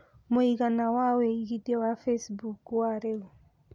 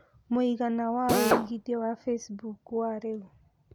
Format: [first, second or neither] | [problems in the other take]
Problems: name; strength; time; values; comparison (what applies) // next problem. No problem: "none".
first | background sound (Drill); 3 dB above the speech